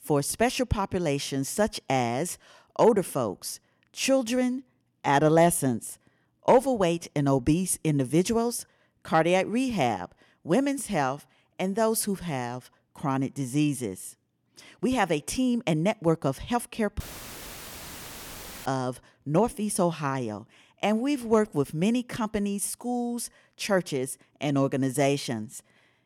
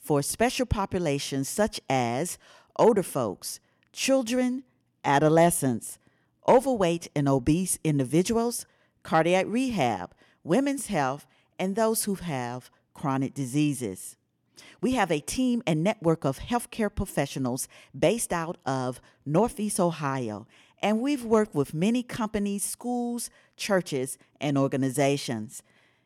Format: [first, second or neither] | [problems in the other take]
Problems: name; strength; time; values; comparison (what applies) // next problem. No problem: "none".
second | audio cutting out; filled with static; at 17 s for 1.5 s